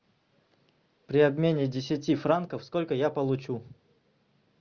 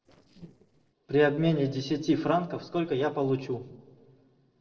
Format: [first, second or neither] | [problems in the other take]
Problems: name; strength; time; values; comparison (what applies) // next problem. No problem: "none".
first | noise reduction (neural separator model SepFormer DNS4)